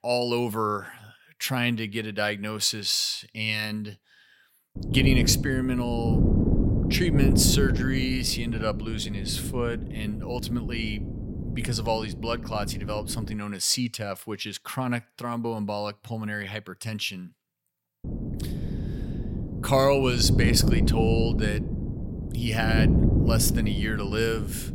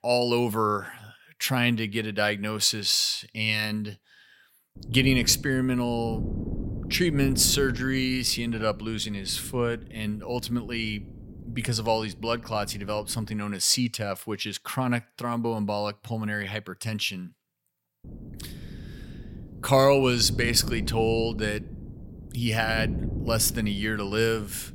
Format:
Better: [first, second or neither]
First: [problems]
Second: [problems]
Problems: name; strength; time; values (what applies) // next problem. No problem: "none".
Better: second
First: wind noise on the microphone; heavy; from 5 to 13 s and from 18 s on; 8 dB below the speech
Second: wind noise on the microphone; occasional gusts; from 5 to 13 s and from 18 s on; 20 dB below the speech